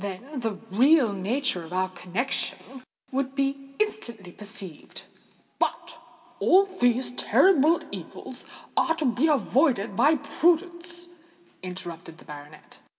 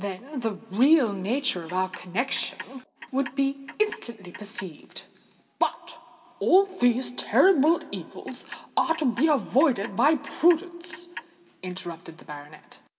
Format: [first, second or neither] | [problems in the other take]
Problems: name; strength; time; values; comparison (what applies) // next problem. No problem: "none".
first | background sound (Clock); 18 dB below the speech